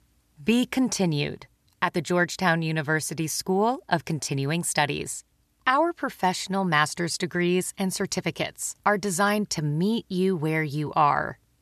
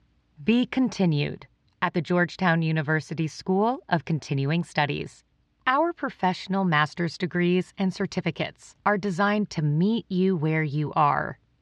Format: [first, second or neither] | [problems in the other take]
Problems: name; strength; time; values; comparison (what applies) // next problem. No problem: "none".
first | muffled; slightly; fading above 4 kHz